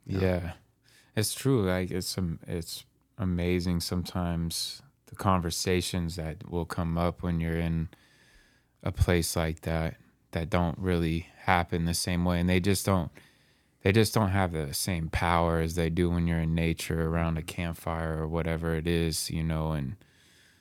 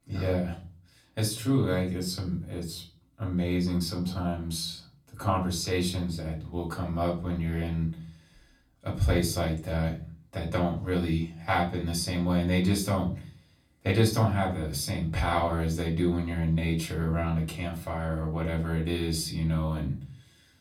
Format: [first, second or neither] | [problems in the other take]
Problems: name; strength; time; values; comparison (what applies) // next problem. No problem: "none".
first | off-mic speech; far // room echo; very slight; dies away in 0.4 s